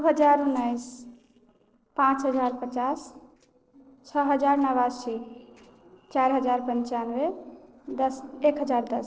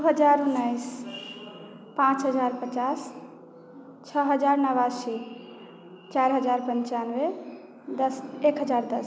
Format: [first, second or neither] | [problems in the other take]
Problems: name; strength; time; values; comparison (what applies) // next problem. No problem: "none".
second | noise reduction (neural separator model SepFormer DNS4)